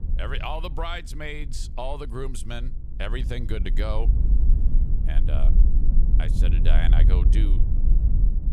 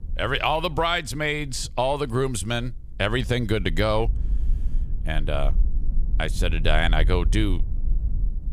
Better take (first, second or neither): second